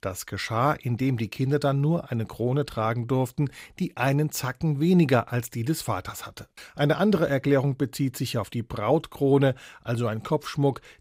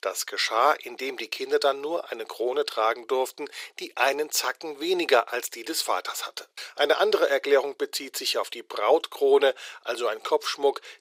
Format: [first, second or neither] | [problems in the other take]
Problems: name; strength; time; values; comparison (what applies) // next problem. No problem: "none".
first | thin; very; fading below 400 Hz